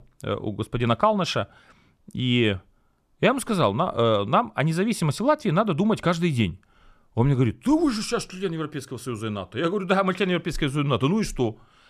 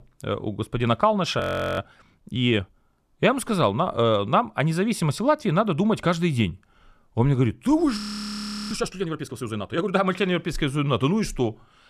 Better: first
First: none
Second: audio freezing; at 1.5 s and at 8 s for 0.5 s

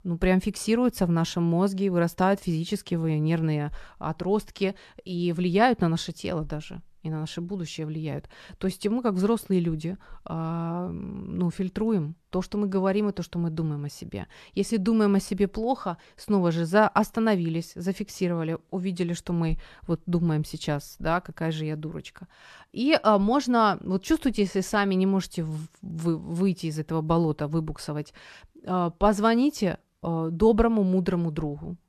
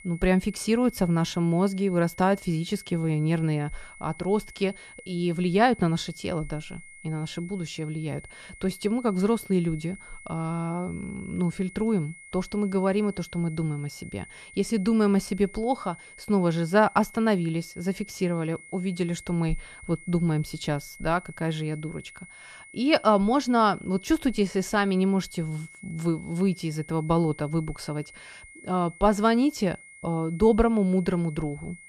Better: first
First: none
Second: high-pitched whine; noticeable; throughout; 2 kHz, 20 dB below the speech

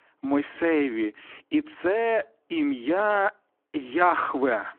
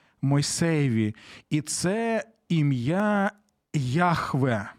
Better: second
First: phone-call audio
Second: none

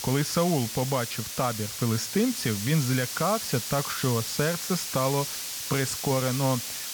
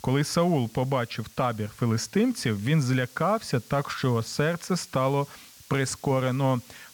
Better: second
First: hiss; loud; throughout; 4 dB below the speech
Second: hiss; faint; throughout; 20 dB below the speech

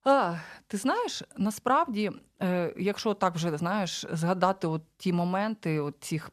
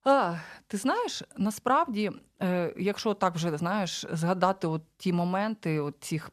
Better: neither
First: none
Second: none

